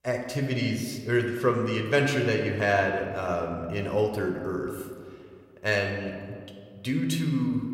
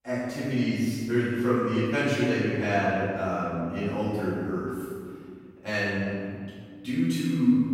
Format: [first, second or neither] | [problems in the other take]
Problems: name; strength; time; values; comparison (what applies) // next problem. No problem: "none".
first | room echo; strong; dies away in 2 s; slight in the first // off-mic speech; far